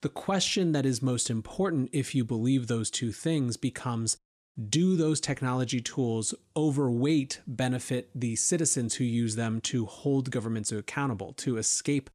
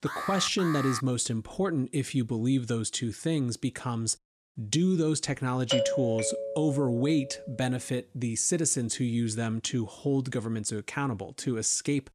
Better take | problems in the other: first | alarm; noticeable; at the start; peak 5 dB below the speech // doorbell; loud; from 5.5 to 7.5 s; peak 2 dB above the speech

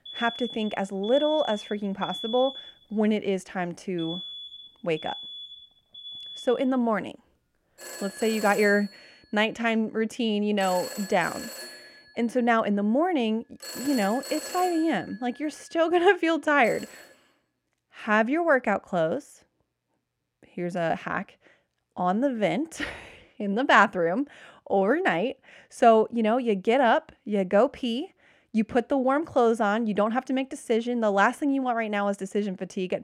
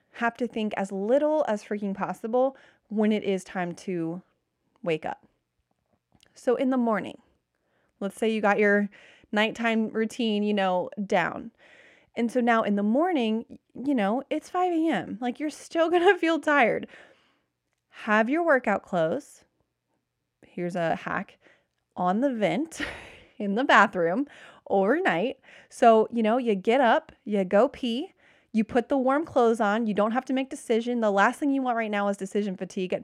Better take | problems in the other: second | alarms or sirens; noticeable; until 16 s; 10 dB below the speech

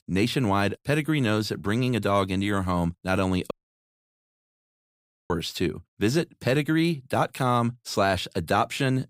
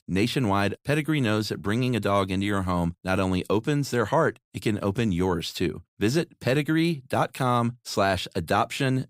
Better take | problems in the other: second | audio cutting out; at 3.5 s for 2 s

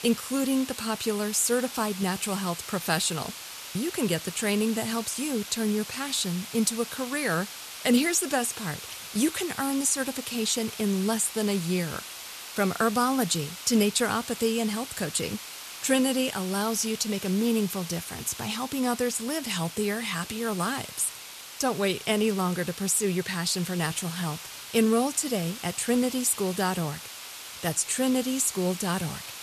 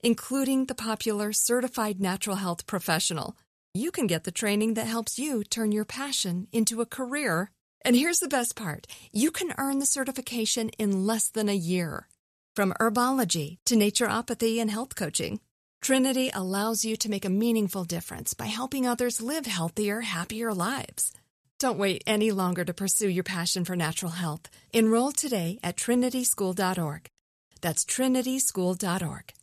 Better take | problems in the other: second | hiss; noticeable; throughout; 10 dB below the speech

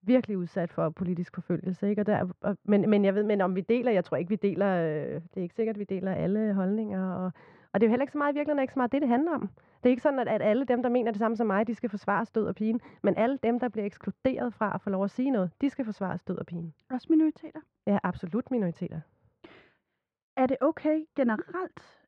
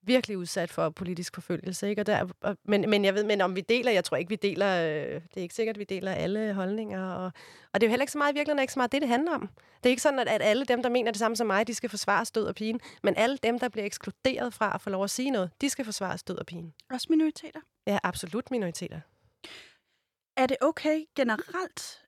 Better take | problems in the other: second | muffled; very; fading above 1.5 kHz

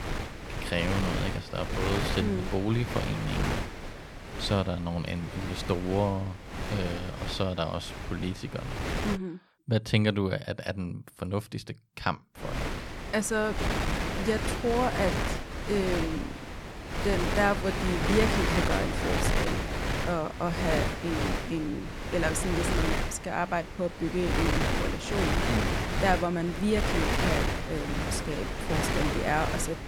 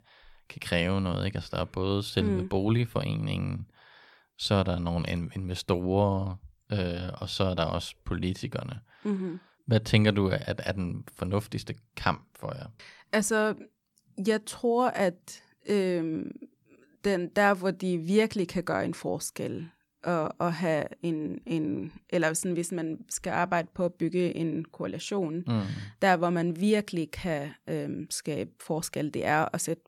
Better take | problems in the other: second | wind noise on the microphone; heavy; until 9 s and from 12 s on; as loud as the speech

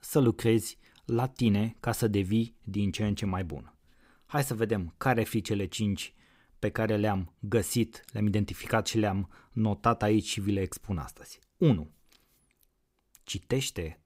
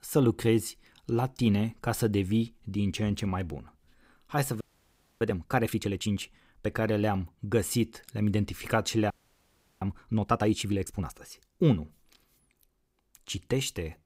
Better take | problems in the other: first | audio freezing; at 4.5 s for 0.5 s and at 9 s for 0.5 s

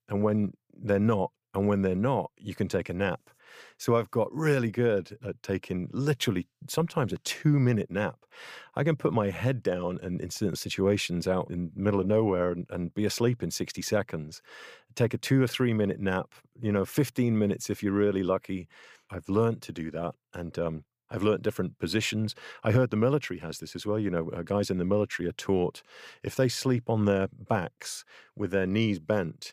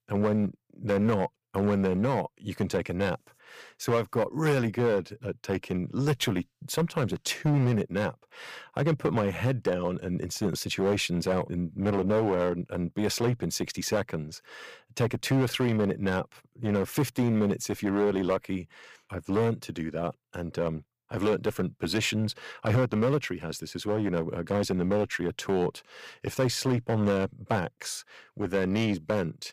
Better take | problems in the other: first | distortion; slight; 7% of the sound clipped

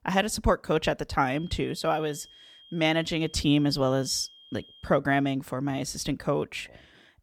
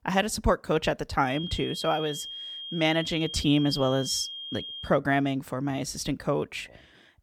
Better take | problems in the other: first | high-pitched whine; loud; from 1.5 to 5 s; 3 kHz, 9 dB below the speech; faint in the first

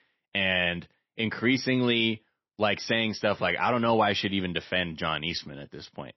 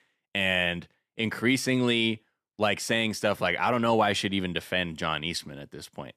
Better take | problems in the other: second | garbled, watery; slightly; nothing above 5.5 kHz

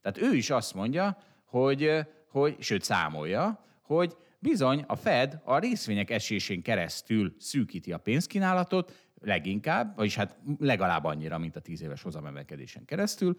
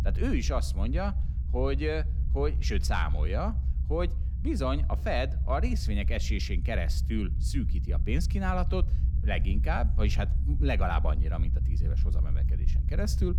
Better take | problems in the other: first | low rumble; noticeable; throughout; 15 dB below the speech

